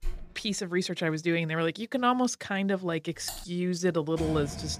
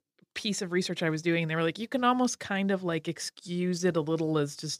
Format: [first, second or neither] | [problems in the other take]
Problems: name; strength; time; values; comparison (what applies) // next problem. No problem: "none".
second | door banging; faint; at the start; peak 15 dB below the speech // keyboard typing; faint; at 3.5 s; peak 10 dB below the speech // door banging; noticeable; at 4 s; peak 8 dB below the speech